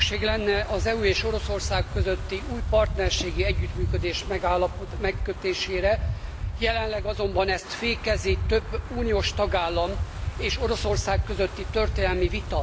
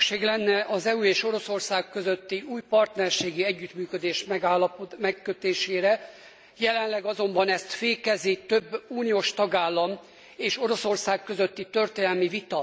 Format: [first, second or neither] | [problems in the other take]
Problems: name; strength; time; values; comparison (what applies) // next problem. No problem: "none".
second | background sound (Wind); 2 dB below the speech